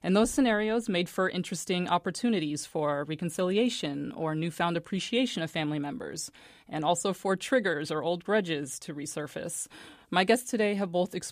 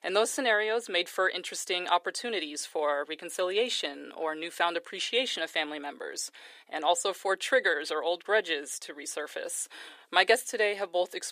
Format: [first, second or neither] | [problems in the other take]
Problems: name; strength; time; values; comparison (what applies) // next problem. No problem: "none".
first | thin; very; fading below 400 Hz